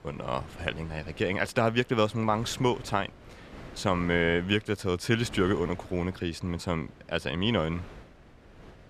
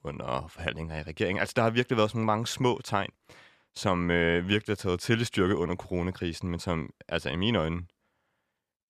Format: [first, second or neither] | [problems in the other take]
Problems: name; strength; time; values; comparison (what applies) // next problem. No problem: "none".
second | wind noise on the microphone; occasional gusts; 20 dB below the speech